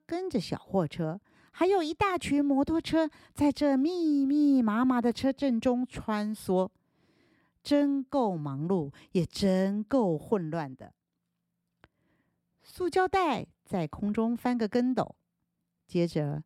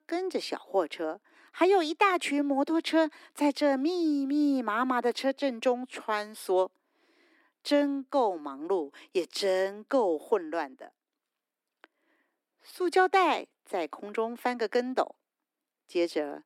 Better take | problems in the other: first | thin; somewhat; fading below 300 Hz

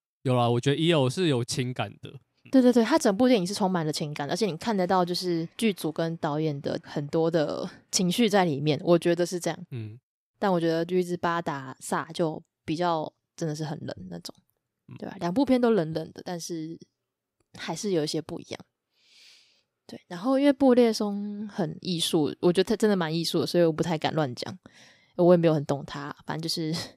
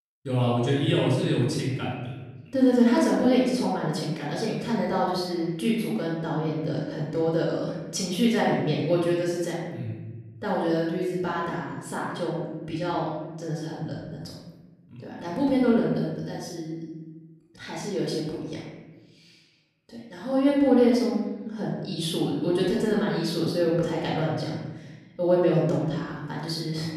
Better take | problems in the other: first | off-mic speech; far // room echo; strong; dies away in 1.2 s

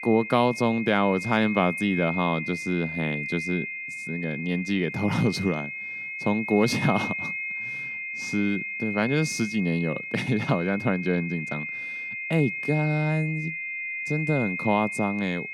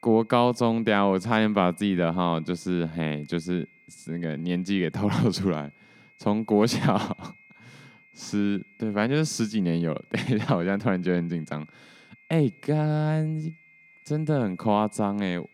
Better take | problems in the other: second | high-pitched whine; loud; throughout; 2 kHz, 5 dB below the speech; faint in the second

